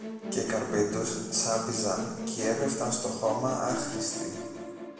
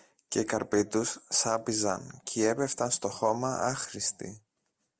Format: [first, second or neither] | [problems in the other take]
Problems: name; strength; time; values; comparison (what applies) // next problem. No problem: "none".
second | background sound (Musical instrument); 5 dB below the speech // room echo; dies away in 1.1 s